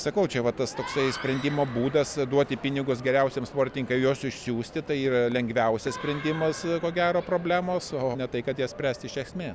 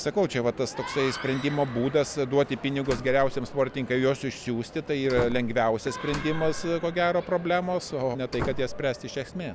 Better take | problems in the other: first | background sound (Slam); 10 dB below the speech

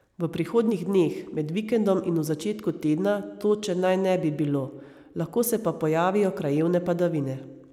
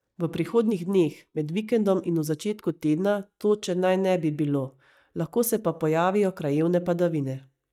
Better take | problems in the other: first | noise reduction (neural mask model DeepFilterNet 3)

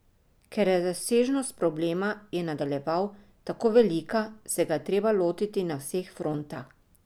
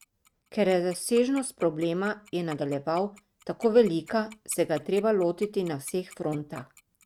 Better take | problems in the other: first | noise reduction (neural mask model RNNoise)

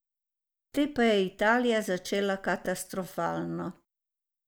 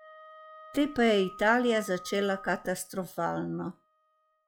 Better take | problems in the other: first | noise reduction (classical method log-MMSE)

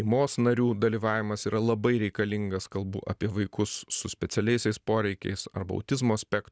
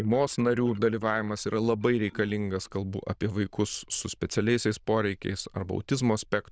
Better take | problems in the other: first | noise reduction (neural diffusion model UNIVERSE++)

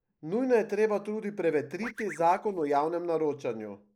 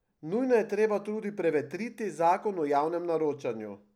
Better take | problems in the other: second | noise reduction (neural mask model Resemble Enhance denoiser)

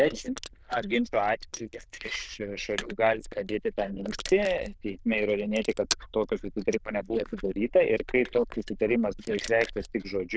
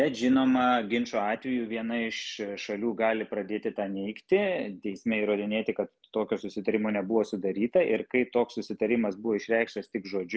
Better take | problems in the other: second | noise reduction (neural diffusion model UNIVERSE++)

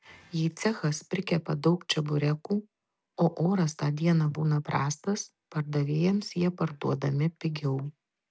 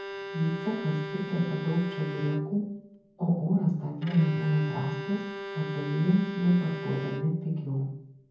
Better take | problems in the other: first | background sound (Bowed string instrument); 10 dB below the speech // room echo; dies away in 0.9 s

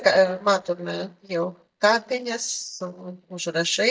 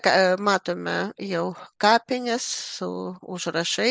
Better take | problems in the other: second | noise reduction (neural mask model DeepFilterNet 3)

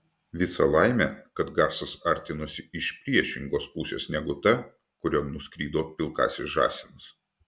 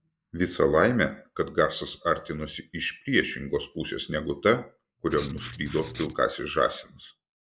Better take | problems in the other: first | noise reduction (neural mask model Resemble Enhance denoiser)

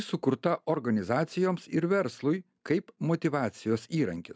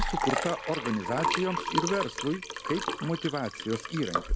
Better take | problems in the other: first | background sound (Liquid); 1 dB below the speech

